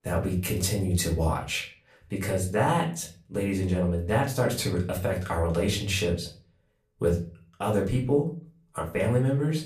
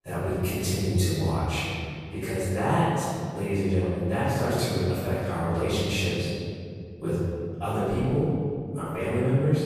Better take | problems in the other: first | room echo; strong; dies away in 2.3 s; slight in the first // off-mic speech; far; far in the first

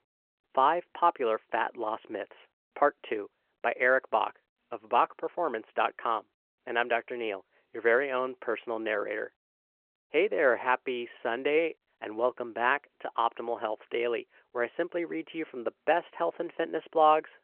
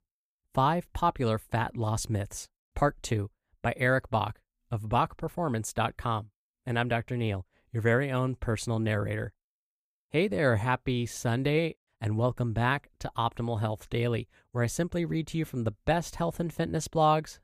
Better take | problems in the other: second | phone-call audio

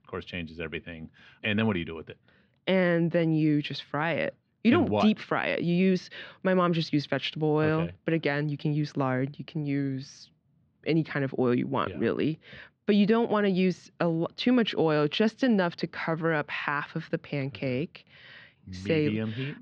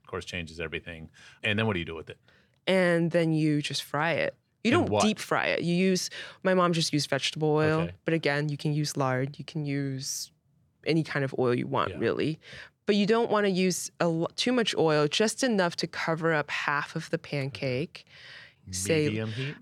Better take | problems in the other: second | muffled; slightly; fading above 4 kHz

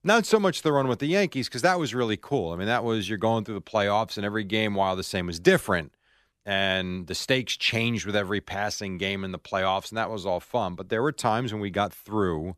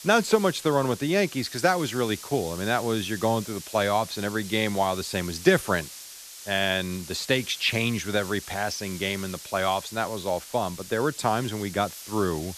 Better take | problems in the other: first | hiss; noticeable; throughout; 15 dB below the speech

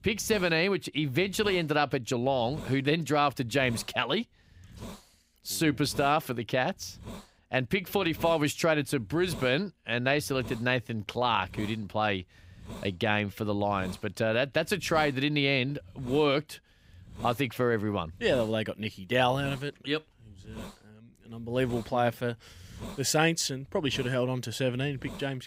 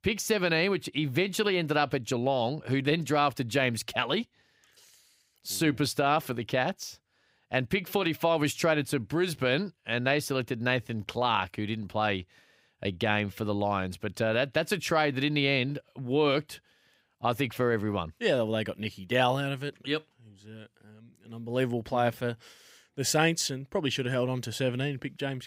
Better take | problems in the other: second | hiss; noticeable; throughout; 20 dB below the speech

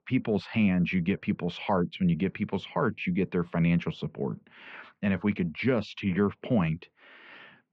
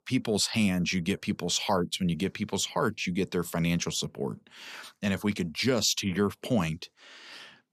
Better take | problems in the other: second | muffled; very; fading above 2.5 kHz

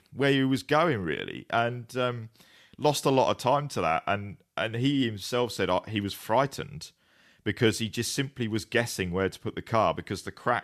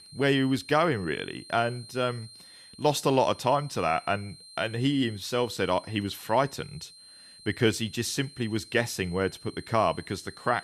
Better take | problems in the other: first | high-pitched whine; noticeable; throughout; 4 kHz, 20 dB below the speech

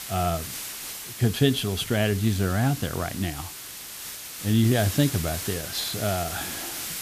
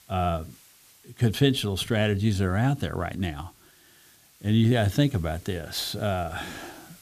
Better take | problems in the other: second | hiss; loud; throughout; 8 dB below the speech; faint in the second

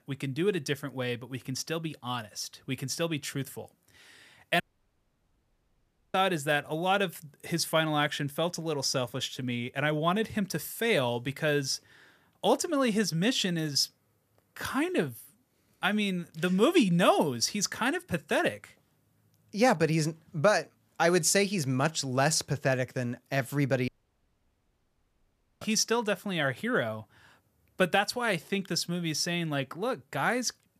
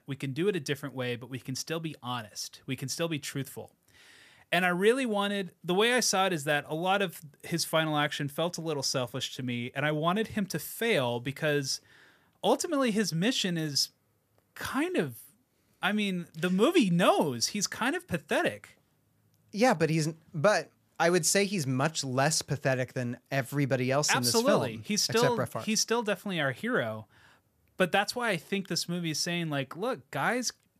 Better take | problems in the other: second | audio cutting out; at 4.5 s for 1.5 s and at 24 s for 1.5 s

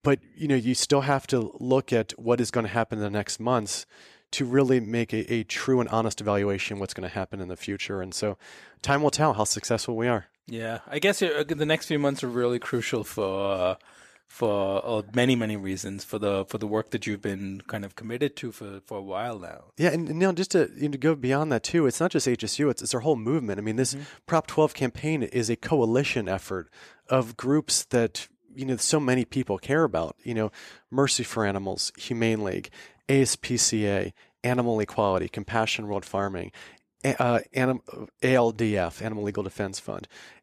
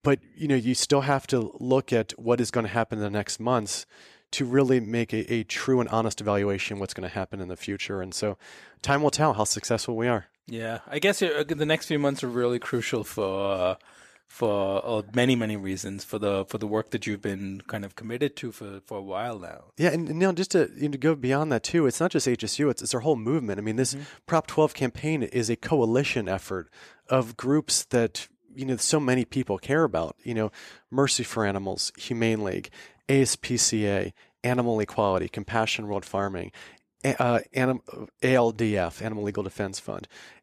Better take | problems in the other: neither | none

